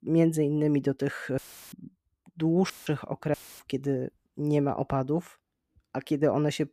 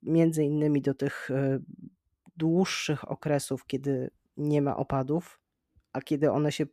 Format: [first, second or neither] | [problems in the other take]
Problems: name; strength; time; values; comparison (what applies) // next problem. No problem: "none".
second | audio cutting out; filled with static; at 1.5 s, at 2.5 s and at 3.5 s